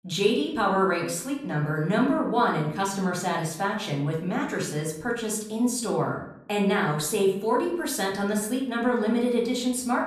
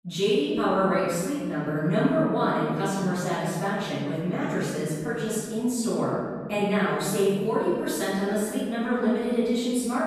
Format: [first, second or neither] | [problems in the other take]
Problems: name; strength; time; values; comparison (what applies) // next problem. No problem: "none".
first | room echo; strong; dies away in 2.2 s; slight in the first // off-mic speech; far; far in the first